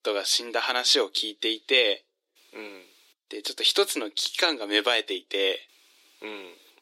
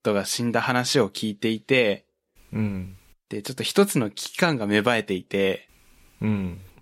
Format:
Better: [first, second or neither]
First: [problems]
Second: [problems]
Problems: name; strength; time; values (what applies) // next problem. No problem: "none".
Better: second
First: thin; very; fading below 300 Hz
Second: none